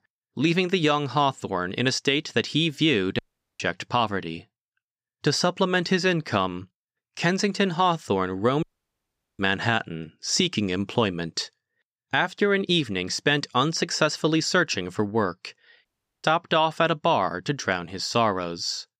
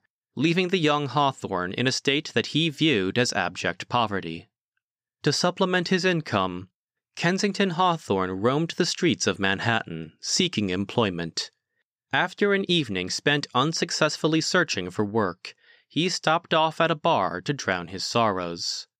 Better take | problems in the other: second | audio cutting out; at 3 s, at 8.5 s for 1 s and at 16 s

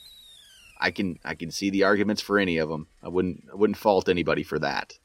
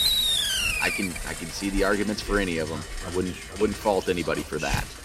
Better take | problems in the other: first | hiss; loud; throughout; as loud as the speech; faint in the first

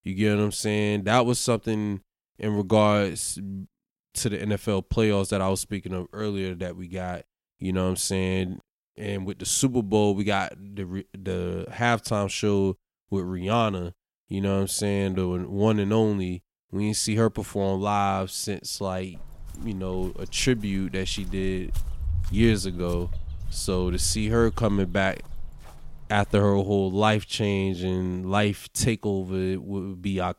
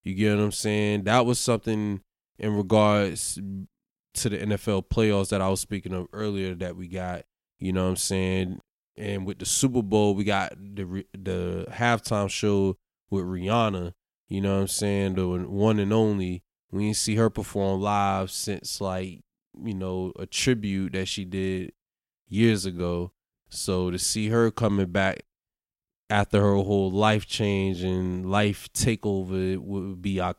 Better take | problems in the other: second | footsteps; noticeable; from 19 to 26 s; peak 4 dB below the speech

